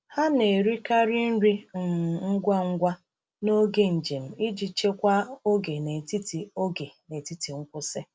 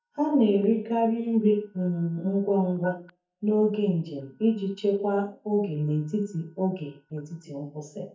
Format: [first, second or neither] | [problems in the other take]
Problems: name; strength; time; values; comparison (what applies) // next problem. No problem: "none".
first | noise reduction (neural mask model DeepFilterNet 3)